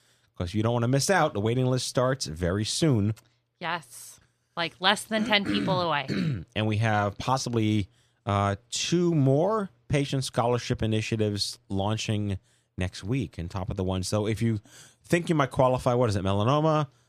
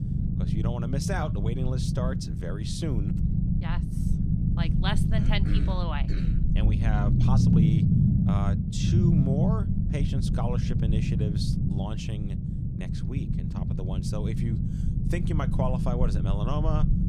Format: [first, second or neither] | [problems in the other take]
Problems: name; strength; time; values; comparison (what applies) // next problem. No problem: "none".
first | low rumble; loud; throughout; as loud as the speech